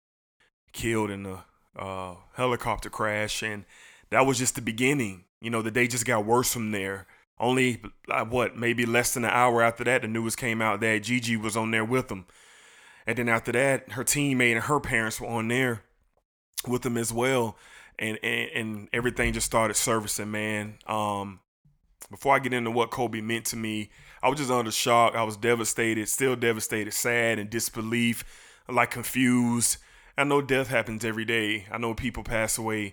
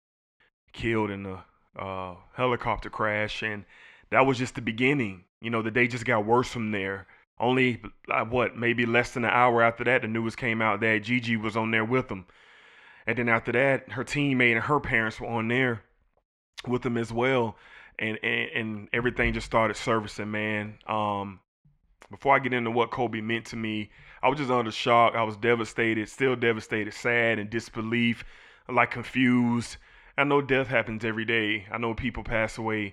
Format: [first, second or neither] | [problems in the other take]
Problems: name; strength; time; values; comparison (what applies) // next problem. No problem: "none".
first | muffled; slightly; fading above 2.5 kHz